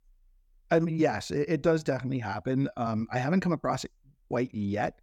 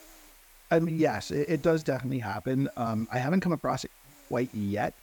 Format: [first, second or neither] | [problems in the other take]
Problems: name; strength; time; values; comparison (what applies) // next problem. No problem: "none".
first | hiss; faint; throughout; 25 dB below the speech